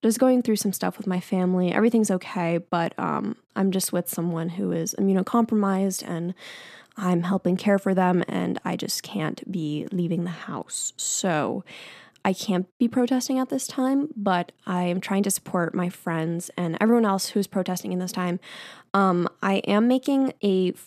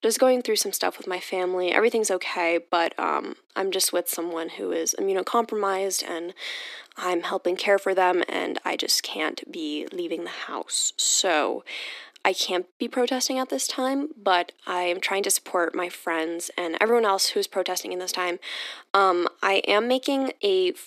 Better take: first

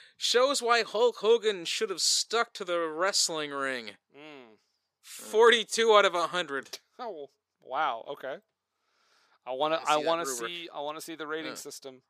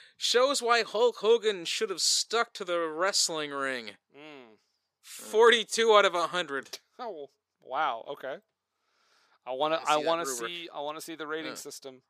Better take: neither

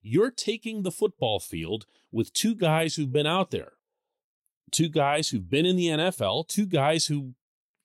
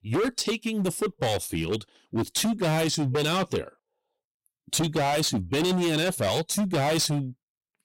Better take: first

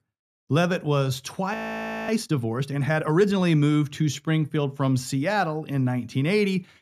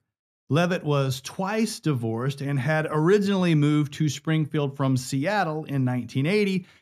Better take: second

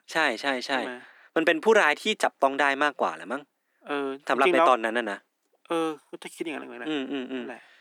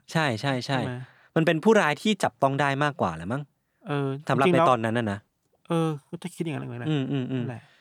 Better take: second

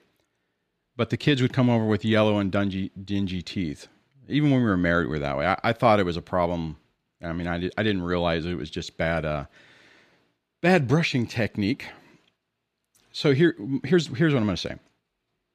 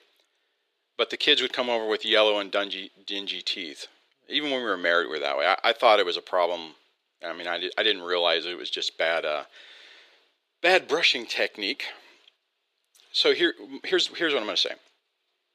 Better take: first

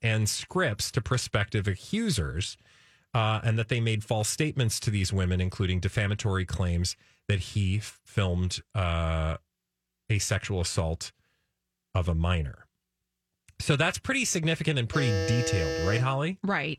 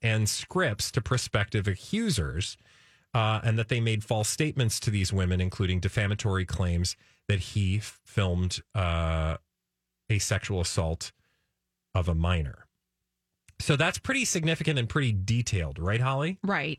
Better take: second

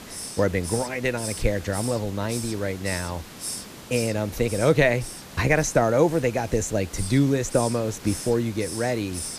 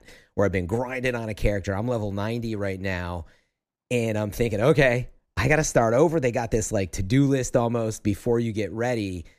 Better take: second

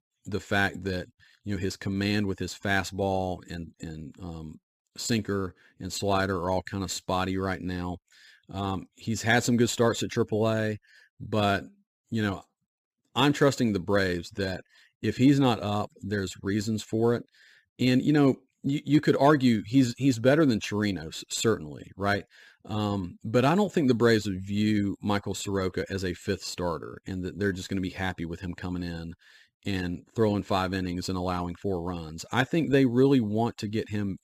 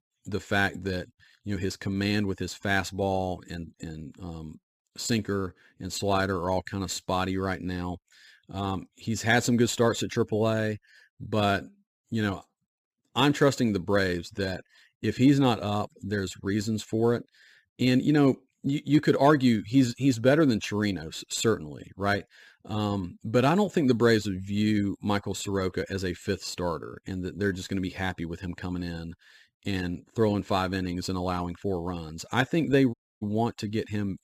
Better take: first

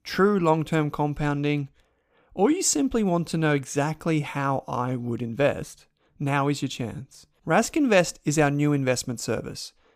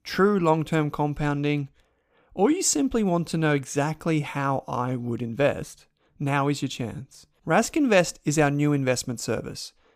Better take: neither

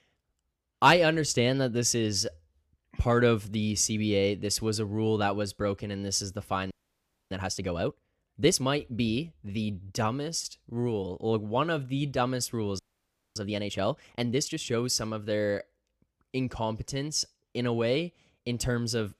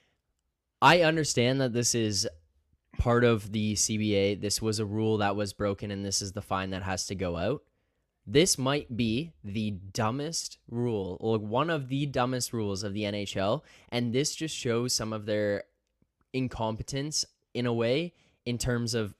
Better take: second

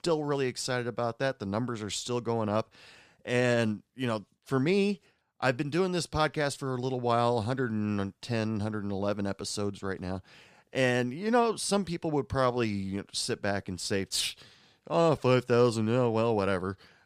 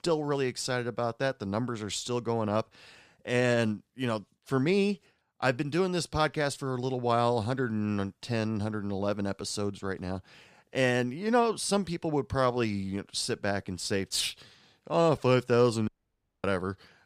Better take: first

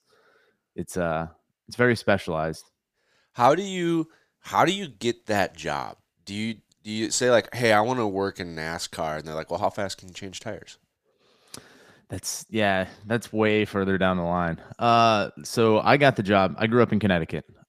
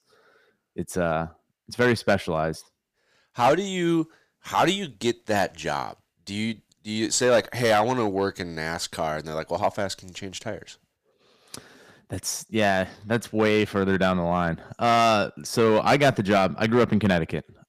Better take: first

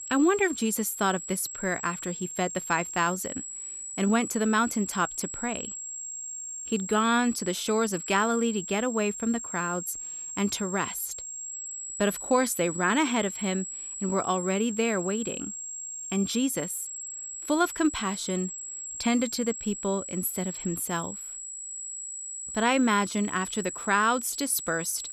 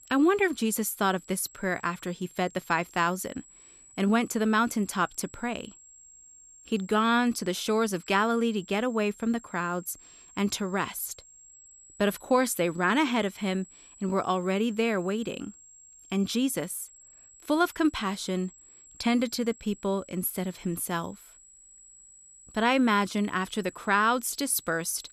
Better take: second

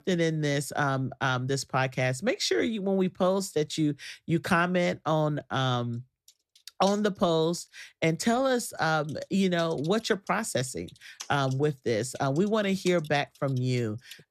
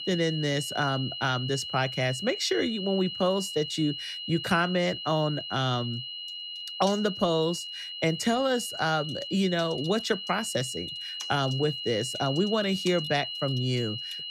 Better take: first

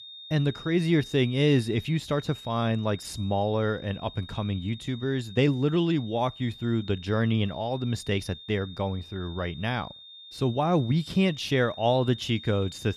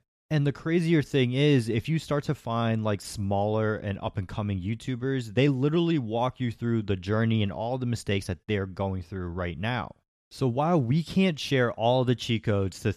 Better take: second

